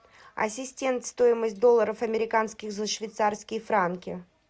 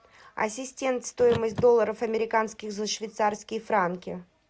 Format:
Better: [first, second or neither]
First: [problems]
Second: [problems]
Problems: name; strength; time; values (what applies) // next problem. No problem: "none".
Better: first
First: none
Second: background sound (Car); 15 dB below the speech